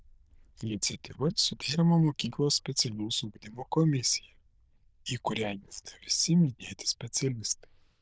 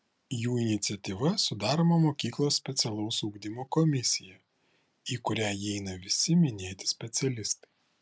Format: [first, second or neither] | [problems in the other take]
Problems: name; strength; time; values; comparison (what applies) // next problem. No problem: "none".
second | noise reduction (neural diffusion model UNIVERSE++)